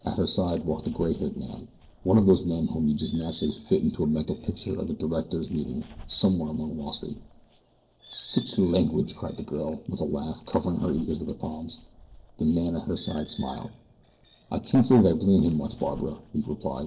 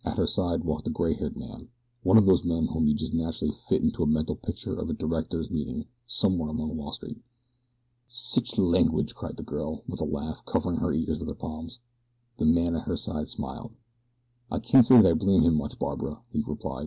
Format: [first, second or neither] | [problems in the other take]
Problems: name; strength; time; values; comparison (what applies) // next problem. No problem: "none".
second | noise reduction (neural separator model SepFormer DNS4)